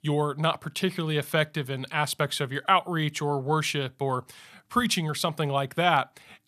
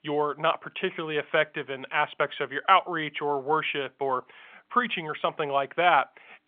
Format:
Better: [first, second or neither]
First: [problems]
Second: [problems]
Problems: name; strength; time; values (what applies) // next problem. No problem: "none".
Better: first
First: none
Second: phone-call audio; nothing above 3.5 kHz